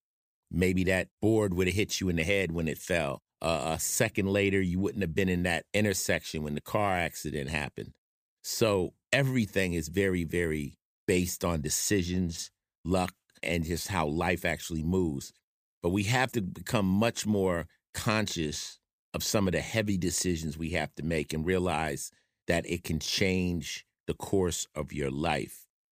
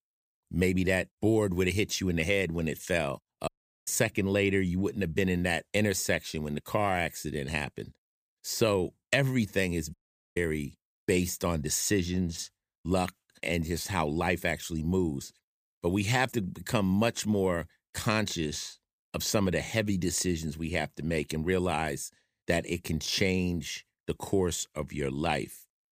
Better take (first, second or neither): first